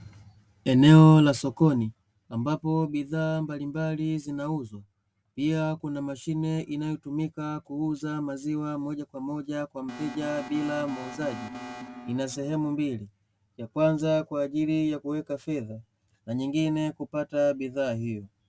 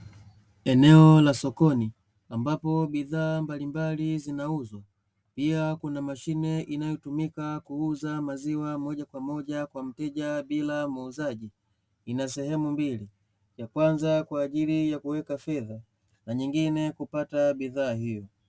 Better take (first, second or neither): second